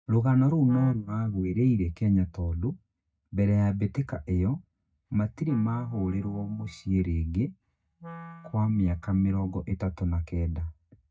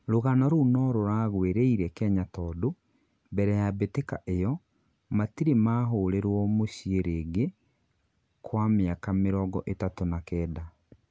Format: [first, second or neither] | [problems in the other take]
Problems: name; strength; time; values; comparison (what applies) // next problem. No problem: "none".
second | noise reduction (neural mask model DeepFilterNet 3)